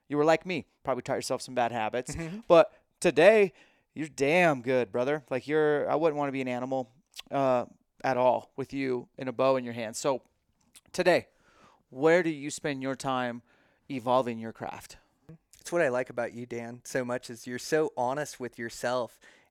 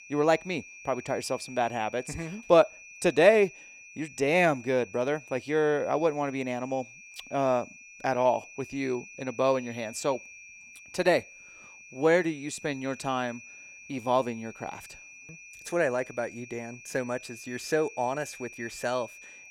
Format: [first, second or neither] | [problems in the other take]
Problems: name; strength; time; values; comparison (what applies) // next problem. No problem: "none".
first | high-pitched whine; noticeable; throughout; 2.5 kHz, 20 dB below the speech